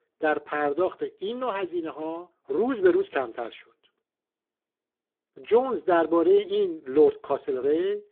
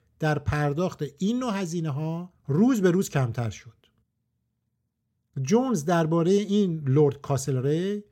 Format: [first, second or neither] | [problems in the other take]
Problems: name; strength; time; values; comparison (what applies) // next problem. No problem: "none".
second | phone-call audio; poor line